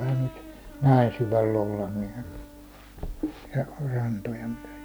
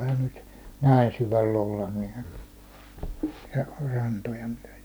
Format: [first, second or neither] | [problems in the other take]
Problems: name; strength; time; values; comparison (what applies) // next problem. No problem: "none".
second | background sound (Brass instrument); 18 dB below the speech